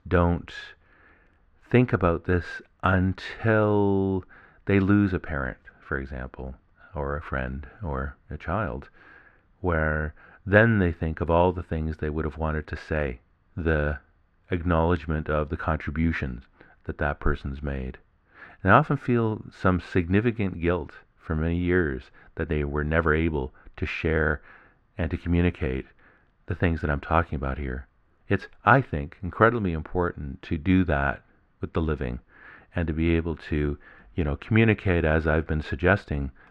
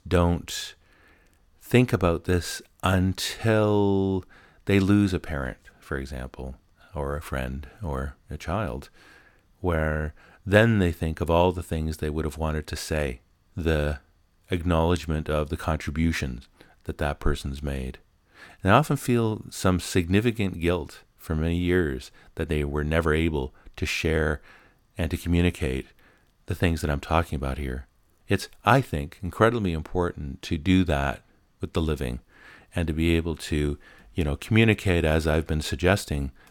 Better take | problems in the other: second | muffled; very; fading above 2 kHz

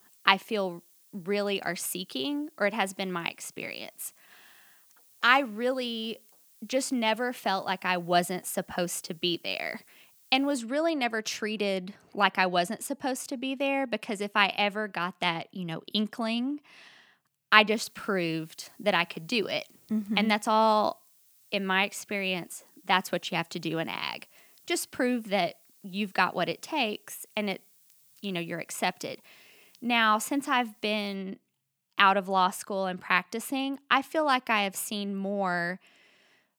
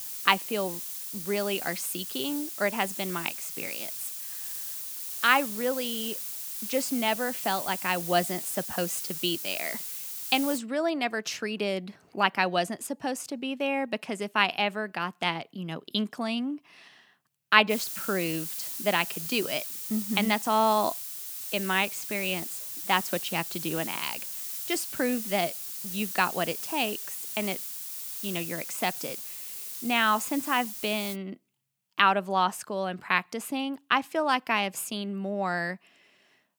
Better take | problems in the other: first | hiss; loud; until 11 s and from 18 to 31 s; 5 dB below the speech; faint in the first

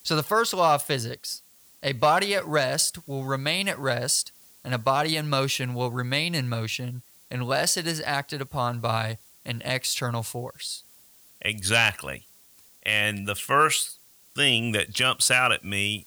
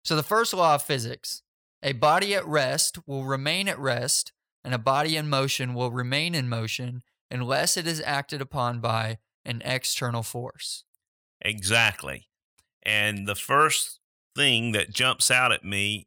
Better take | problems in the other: second | hiss; faint; throughout; 25 dB below the speech

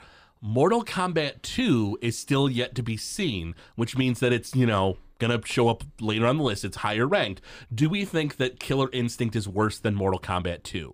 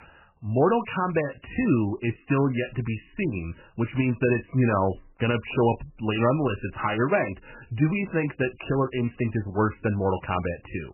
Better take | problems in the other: first | garbled, watery; badly; nothing above 3 kHz

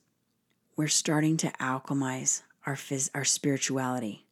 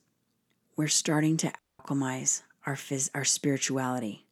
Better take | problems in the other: first | audio cutting out; at 1.5 s

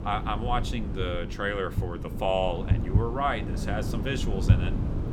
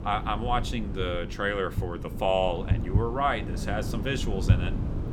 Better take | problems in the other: second | wind noise on the microphone; heavy; 10 dB below the speech; occasional gusts in the second

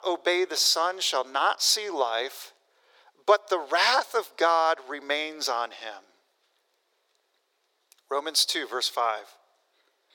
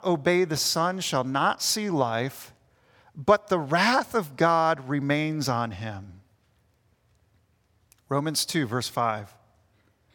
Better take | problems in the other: second | thin; very; fading below 400 Hz

